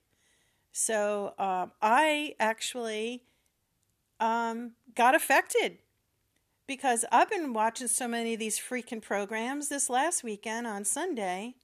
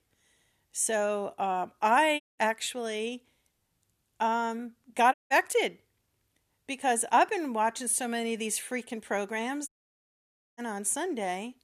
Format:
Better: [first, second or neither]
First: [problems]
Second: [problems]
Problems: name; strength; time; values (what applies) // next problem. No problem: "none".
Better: first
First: none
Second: audio cutting out; at 2 s, at 5 s and at 9.5 s for 1 s